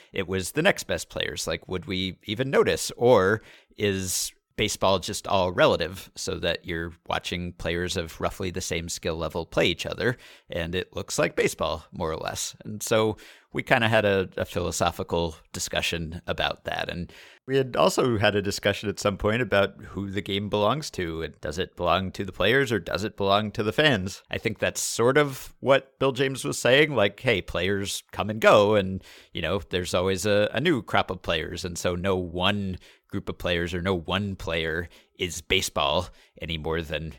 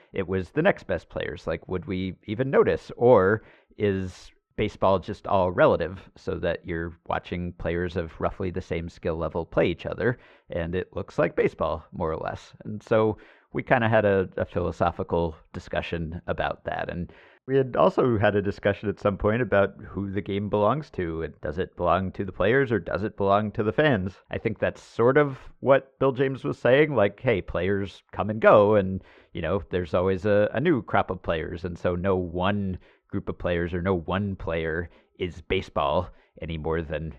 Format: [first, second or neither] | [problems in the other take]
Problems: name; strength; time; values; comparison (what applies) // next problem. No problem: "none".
first | muffled; very; fading above 1.5 kHz